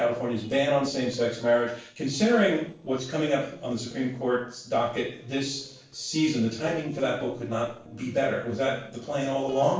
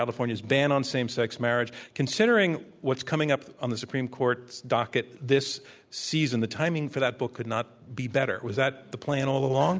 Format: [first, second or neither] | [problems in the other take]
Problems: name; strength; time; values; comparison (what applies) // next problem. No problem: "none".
second | noise reduction (neural separator model SepFormer DNS4)